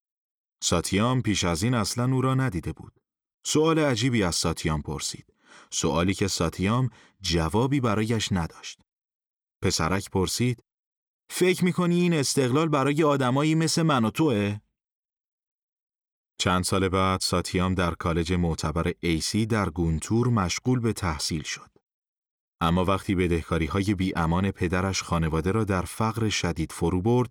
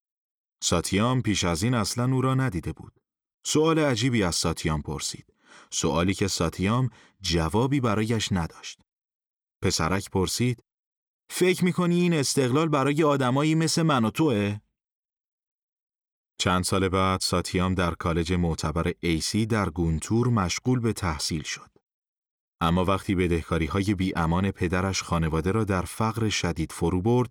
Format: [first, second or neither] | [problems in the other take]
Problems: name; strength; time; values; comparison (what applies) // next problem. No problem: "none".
neither | none